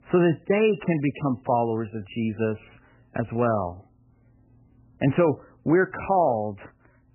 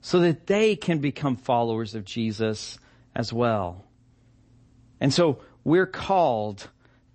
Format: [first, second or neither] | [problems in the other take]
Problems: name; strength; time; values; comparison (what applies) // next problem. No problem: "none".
second | garbled, watery; badly; nothing above 3 kHz; slightly in the second